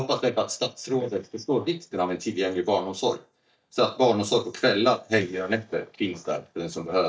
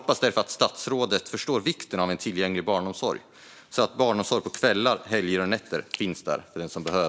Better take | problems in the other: second | noise reduction (neural mask model DeepFilterNet 3)

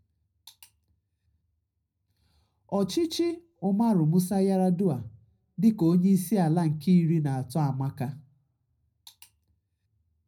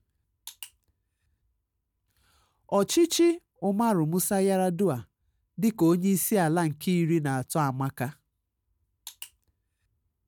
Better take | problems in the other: second | room echo; dies away in 0.4 s

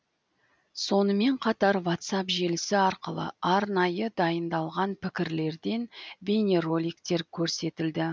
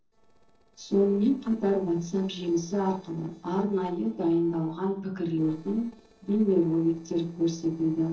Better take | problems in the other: first | noise reduction (neural separator model SepFormer DNS4)

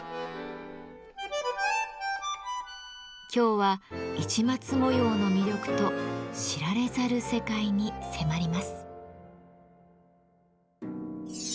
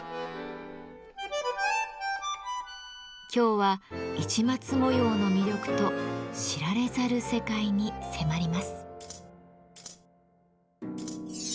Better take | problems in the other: first | background sound (Scissors); 18 dB below the speech

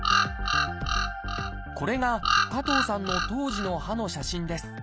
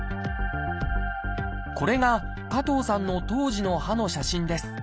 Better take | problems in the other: second | background sound (Bird vocalization, bird call, bird song); 2 dB above the speech

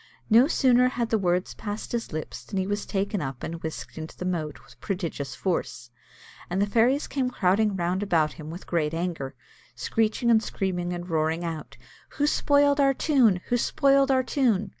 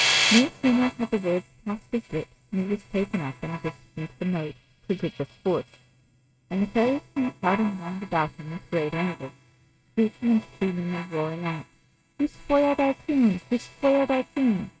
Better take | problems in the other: first | noise reduction (neural mask model RNNoise)

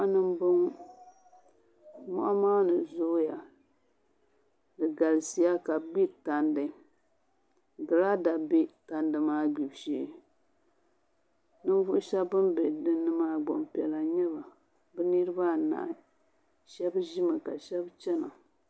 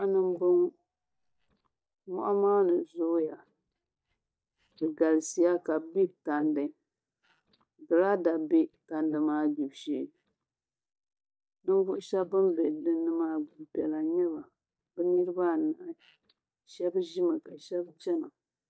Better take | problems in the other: first | noise reduction (neural mask model DeepFilterNet 3)

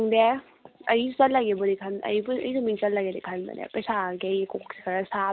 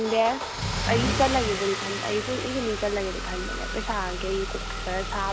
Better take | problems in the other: first | background sound (Engine starting / Car); 2 dB below the speech

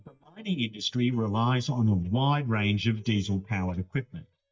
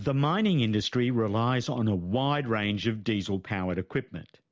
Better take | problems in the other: second | noise reduction (neural mask model DeepFilterNet 3)

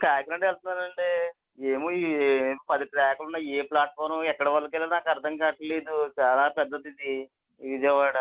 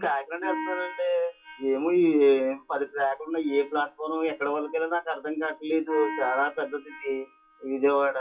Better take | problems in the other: first | noise reduction (classical method WPE with log-MMSE)

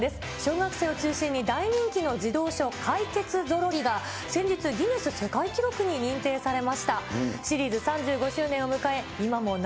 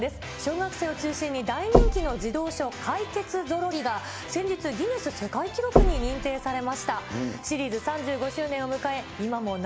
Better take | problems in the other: first | background sound (Knock); 1 dB above the speech

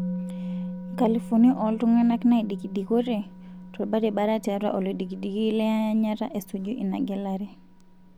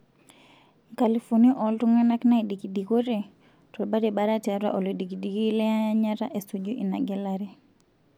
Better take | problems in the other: second | background sound (Musical instrument); 12 dB below the speech

